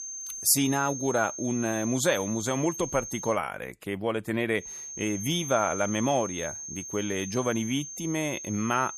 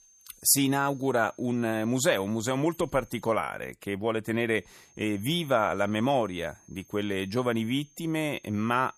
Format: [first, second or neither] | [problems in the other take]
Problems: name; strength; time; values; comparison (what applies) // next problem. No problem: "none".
second | high-pitched whine; loud; until 3.5 s and from 4.5 s on; 6.5 kHz, 8 dB below the speech; faint in the second